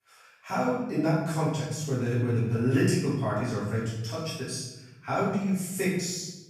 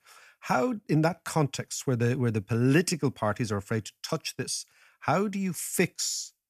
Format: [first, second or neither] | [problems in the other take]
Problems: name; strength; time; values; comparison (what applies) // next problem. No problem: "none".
second | room echo; strong; dies away in 1 s // off-mic speech; far